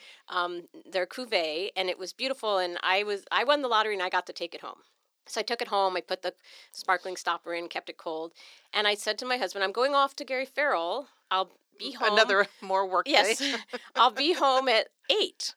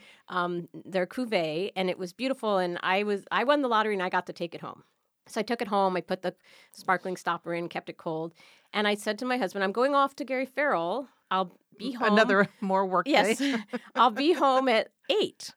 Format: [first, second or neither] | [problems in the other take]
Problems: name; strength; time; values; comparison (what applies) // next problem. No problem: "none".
second | thin; somewhat; fading below 350 Hz